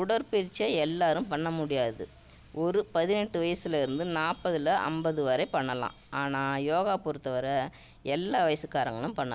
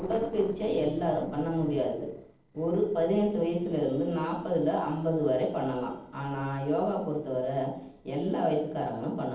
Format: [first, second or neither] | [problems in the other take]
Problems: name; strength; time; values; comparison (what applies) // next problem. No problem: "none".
first | noise reduction (neural separator model SepFormer DNS4)